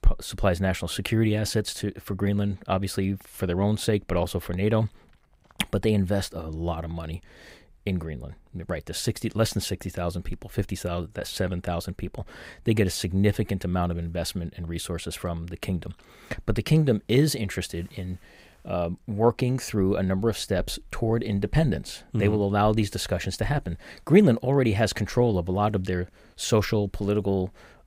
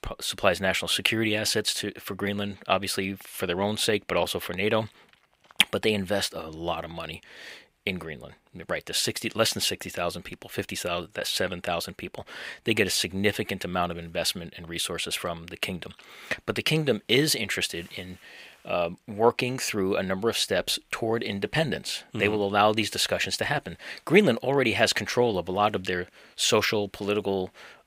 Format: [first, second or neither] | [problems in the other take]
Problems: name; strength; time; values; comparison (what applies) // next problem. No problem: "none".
first | thin; somewhat; fading below 1 kHz